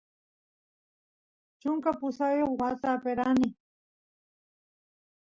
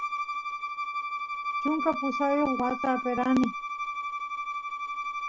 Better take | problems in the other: first | background sound (Bowed string instrument); 2 dB below the speech

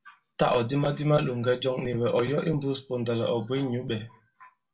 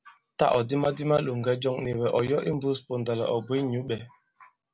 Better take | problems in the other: second | room echo; dies away in 0.2 s

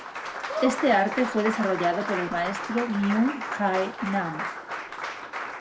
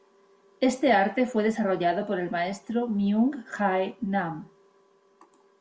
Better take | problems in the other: second | background sound (Applause); 6 dB below the speech

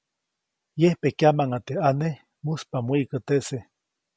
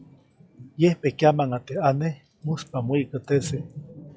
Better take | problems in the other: first | noise reduction (classical method log-MMSE)

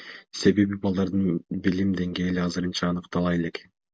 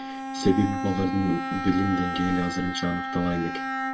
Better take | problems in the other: first | background sound (Bowed string instrument); 4 dB below the speech // room echo; dies away in 0.2 s

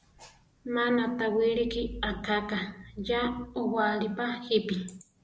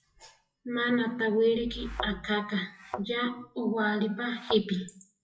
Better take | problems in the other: first | noise reduction (classical method WPE with log-MMSE)

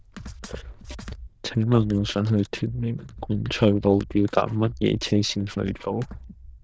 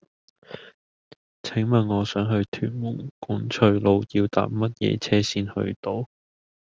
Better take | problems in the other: second | noise reduction (neural diffusion model UNIVERSE++)

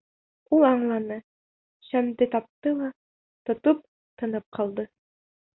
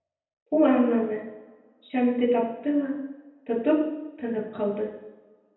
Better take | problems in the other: first | room echo; dies away in 0.9 s

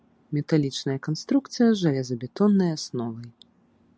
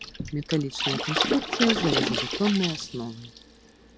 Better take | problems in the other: first | background sound (Water / Splash, splatter); 1 dB below the speech

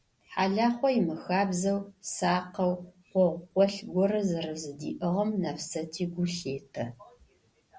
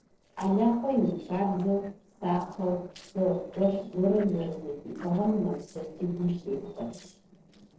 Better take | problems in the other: first | noise reduction (neural separator model SepFormer DNS4)

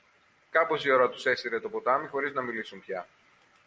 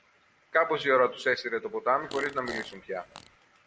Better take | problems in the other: first | background sound (Fart); 15 dB below the speech

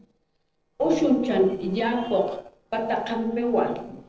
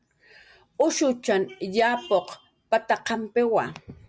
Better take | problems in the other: second | noise reduction (neural separator model SepFormer DNS4)

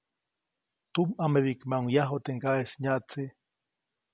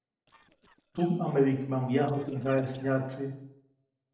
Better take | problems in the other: first | noise reduction (neural separator model SepFormer DNS4)

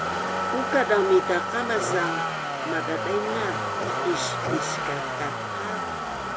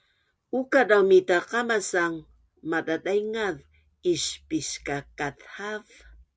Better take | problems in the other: second | background sound (Motor vehicle (road)); as loud as the speech

